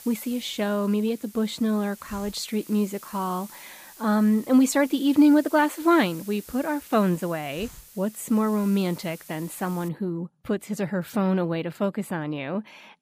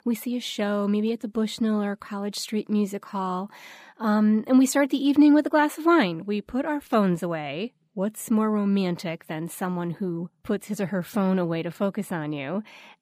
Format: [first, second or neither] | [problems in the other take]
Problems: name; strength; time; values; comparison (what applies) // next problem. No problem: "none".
second | hiss; noticeable; until 10 s; 20 dB below the speech